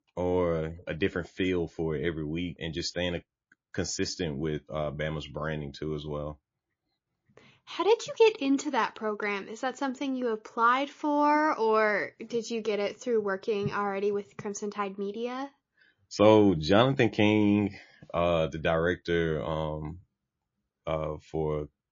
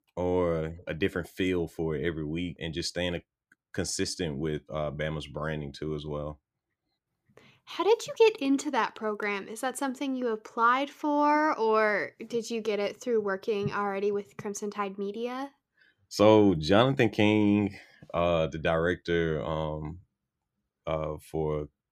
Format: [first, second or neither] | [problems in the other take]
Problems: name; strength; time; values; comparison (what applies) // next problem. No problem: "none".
second | garbled, watery; slightly; nothing above 6.5 kHz